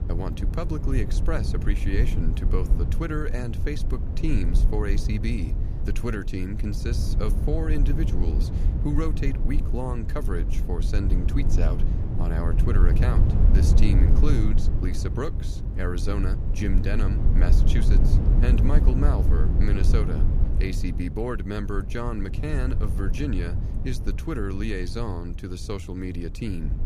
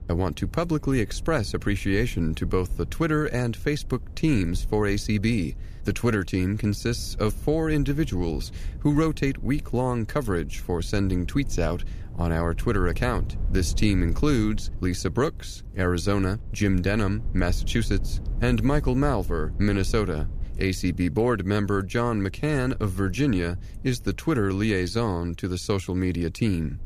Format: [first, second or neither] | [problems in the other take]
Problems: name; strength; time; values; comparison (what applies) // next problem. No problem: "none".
second | low rumble; loud; throughout; 5 dB below the speech; faint in the second